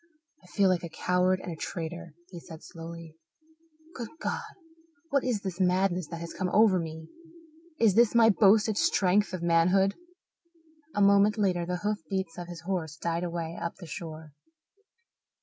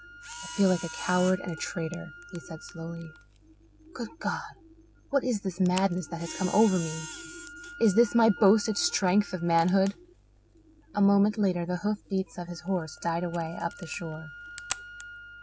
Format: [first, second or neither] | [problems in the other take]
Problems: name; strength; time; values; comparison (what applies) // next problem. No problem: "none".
first | background sound (Camera + Wind instrument, woodwind instrument); 16 dB below the speech